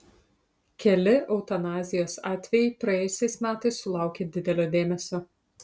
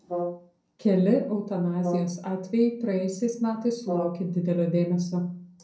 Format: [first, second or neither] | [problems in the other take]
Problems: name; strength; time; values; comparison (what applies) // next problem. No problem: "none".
first | background sound (Brass instrument); 11 dB below the speech // room echo; dies away in 0.6 s